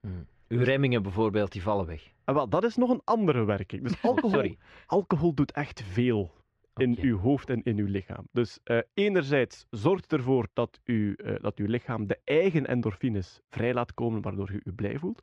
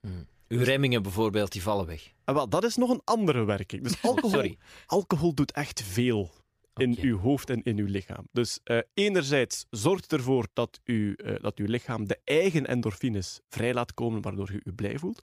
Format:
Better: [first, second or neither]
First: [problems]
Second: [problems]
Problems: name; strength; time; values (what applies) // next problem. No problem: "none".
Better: second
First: muffled; slightly; fading above 2.5 kHz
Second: none